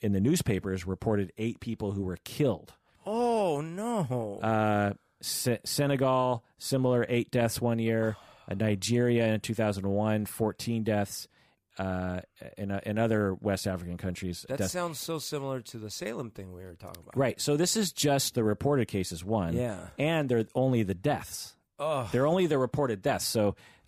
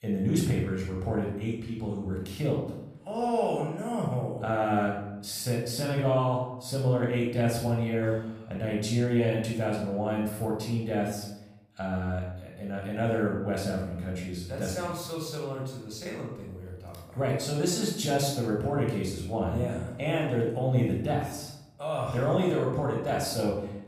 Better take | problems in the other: first | off-mic speech; far // room echo; noticeable; dies away in 0.7 s

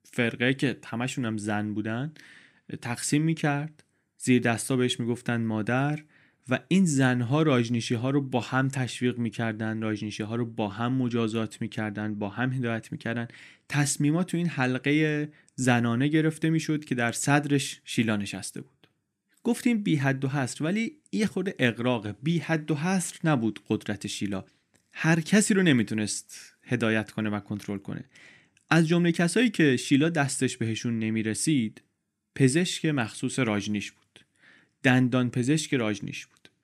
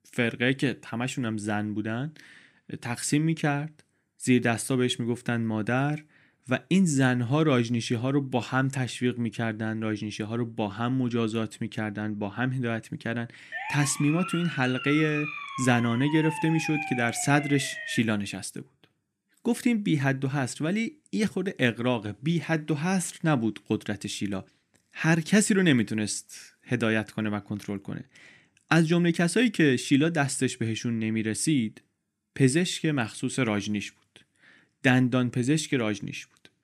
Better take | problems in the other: first | siren; noticeable; from 14 to 18 s; peak 5 dB below the speech

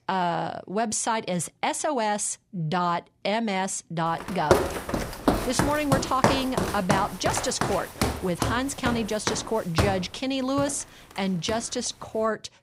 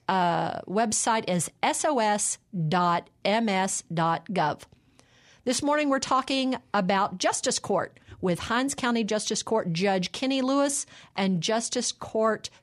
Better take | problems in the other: second | footsteps; loud; from 4.5 to 12 s; peak 4 dB above the speech

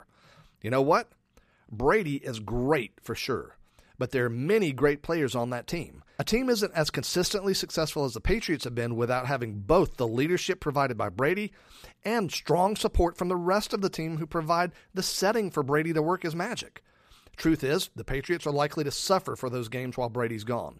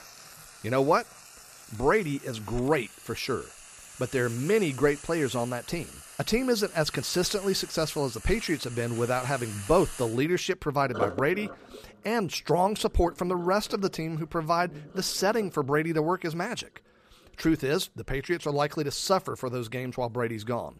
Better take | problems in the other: first | household noises; noticeable; throughout; 15 dB below the speech

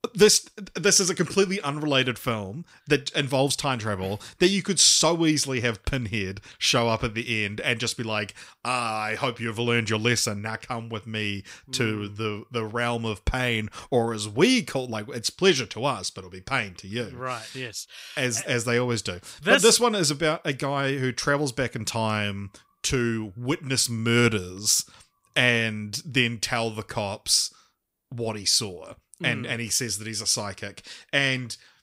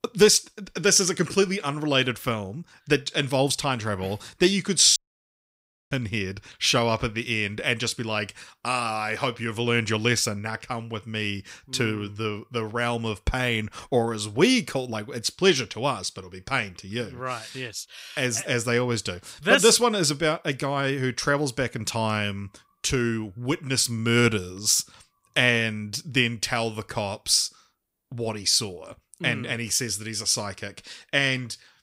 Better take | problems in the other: first | audio cutting out; at 5 s for 1 s

